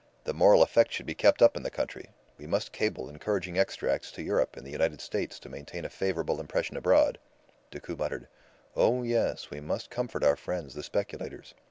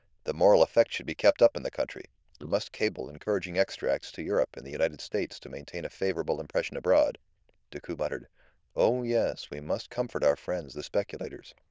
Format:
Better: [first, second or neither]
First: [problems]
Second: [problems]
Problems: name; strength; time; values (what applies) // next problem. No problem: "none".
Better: first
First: none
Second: noise reduction (neural diffusion model UNIVERSE++)